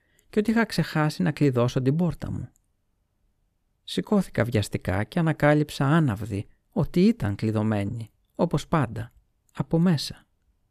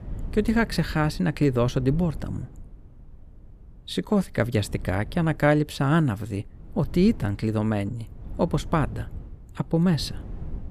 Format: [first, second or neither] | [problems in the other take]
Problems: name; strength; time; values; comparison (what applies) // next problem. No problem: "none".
first | wind noise on the microphone; occasional gusts; 25 dB below the speech